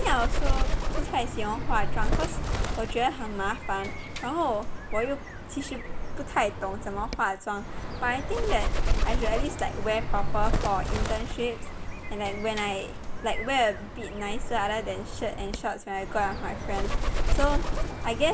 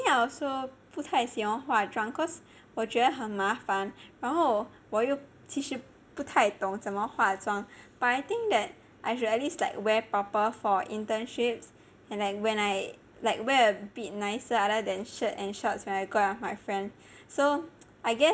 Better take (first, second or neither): second